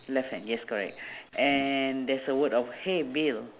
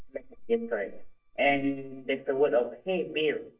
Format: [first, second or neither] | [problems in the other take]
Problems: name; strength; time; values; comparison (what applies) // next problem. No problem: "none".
first | noise reduction (neural mask model DeepFilterNet 3)